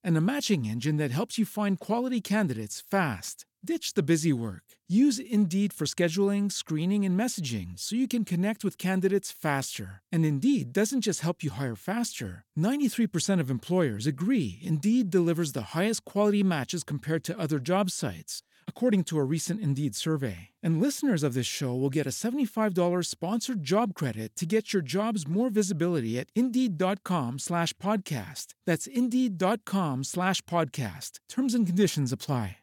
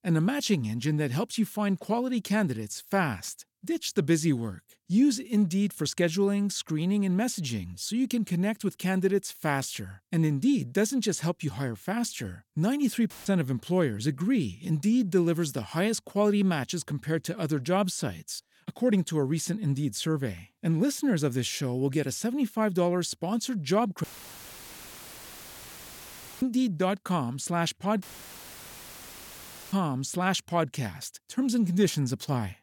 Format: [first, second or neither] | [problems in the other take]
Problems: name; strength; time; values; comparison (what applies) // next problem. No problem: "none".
first | audio cutting out; filled with static; at 13 s, at 24 s for 2.5 s and at 28 s for 1.5 s